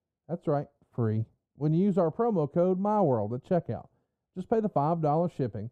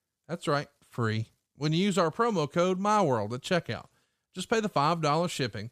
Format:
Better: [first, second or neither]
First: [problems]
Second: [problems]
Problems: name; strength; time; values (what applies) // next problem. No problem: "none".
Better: second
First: muffled; very; fading above 1 kHz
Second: none